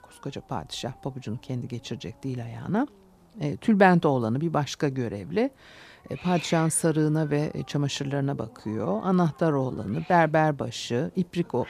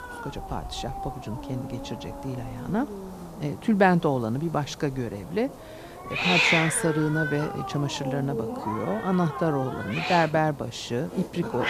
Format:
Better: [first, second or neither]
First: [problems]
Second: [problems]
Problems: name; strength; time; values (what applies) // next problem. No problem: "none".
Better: first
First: hiss; faint; throughout; 20 dB below the speech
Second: hiss; loud; throughout; 3 dB below the speech